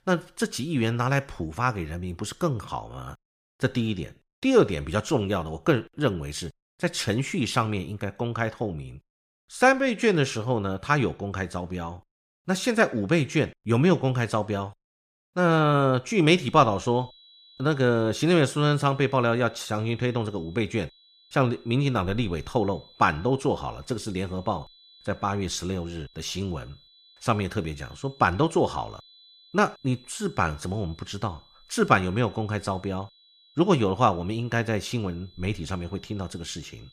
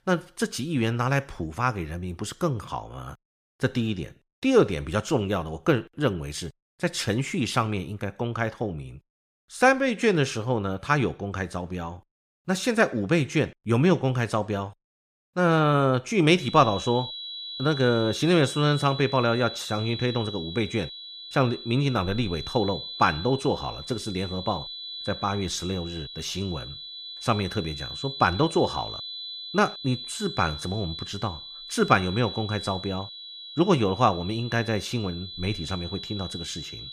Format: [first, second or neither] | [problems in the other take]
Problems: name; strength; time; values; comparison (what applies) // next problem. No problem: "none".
first | high-pitched whine; loud; from 16 s on; 4 kHz, 10 dB below the speech; faint in the first